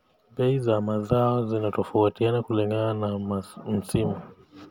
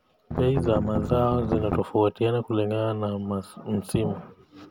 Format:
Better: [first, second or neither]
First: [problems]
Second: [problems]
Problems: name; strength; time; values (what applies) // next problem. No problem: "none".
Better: first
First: none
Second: background sound (Strum); 2 dB below the speech